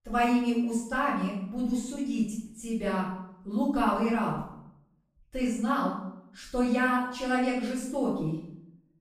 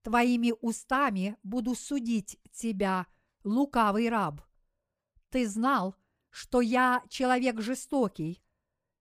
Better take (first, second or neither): second